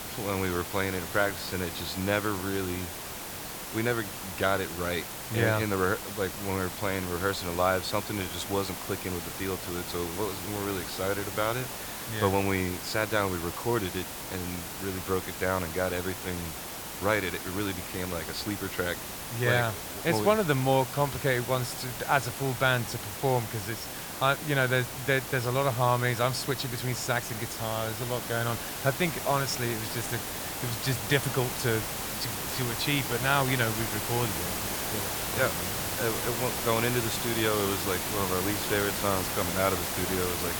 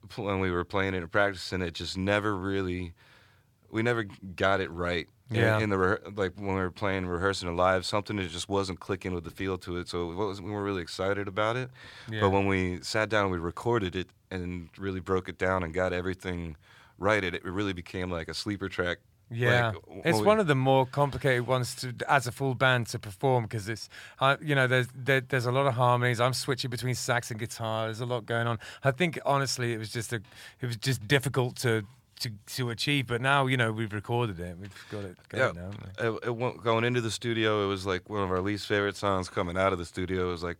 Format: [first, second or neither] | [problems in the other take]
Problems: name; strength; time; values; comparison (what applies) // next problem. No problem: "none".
second | hiss; loud; throughout; 4 dB below the speech